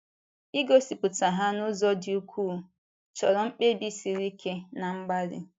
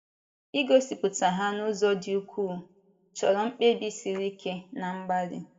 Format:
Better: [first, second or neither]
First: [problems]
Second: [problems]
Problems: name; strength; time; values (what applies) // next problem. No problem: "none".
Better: first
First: none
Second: room echo; dies away in 0.5 s